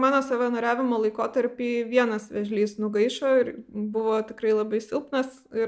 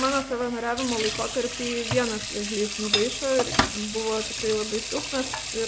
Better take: first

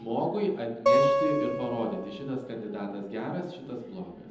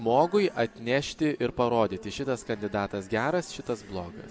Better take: second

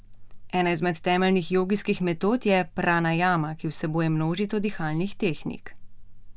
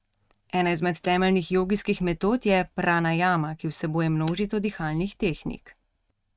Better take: first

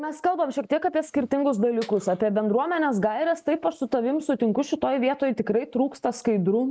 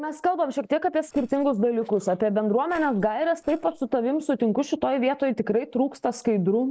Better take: first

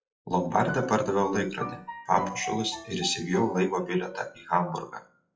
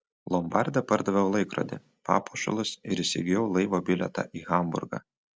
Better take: second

